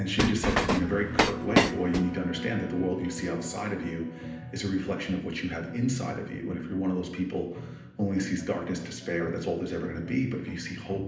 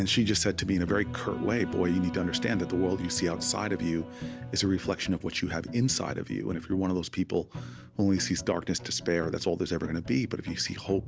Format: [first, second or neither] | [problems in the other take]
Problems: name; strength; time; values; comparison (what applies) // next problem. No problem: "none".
second | background sound (Train); 3 dB above the speech // room echo; dies away in 0.8 s